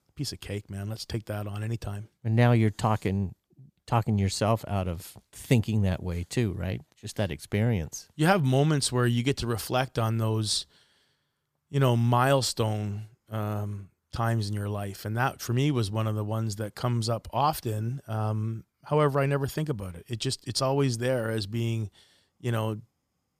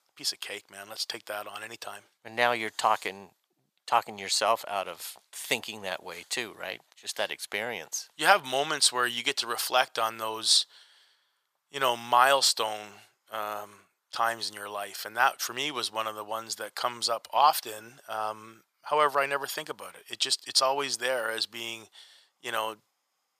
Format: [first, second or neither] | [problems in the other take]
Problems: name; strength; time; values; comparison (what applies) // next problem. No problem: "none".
first | thin; very; fading below 850 Hz